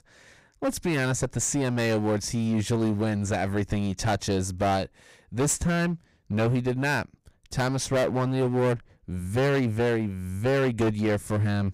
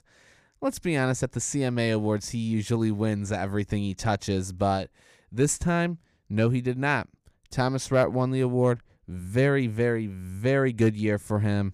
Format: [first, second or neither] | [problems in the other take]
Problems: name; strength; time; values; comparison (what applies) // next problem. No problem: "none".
second | distortion; heavy; 15% of the sound clipped